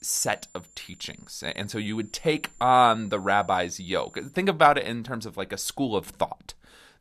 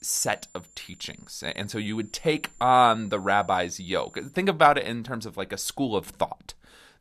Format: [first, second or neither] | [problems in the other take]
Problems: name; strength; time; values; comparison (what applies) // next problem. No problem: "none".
neither | high-pitched whine; faint; until 4.5 s; 7 kHz, 30 dB below the speech; the same in both